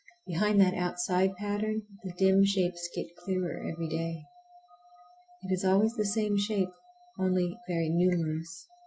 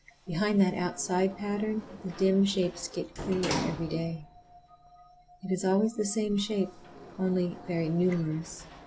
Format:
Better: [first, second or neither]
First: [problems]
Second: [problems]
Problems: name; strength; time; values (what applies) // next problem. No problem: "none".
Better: first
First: none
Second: background sound (Sliding door); 13 dB below the speech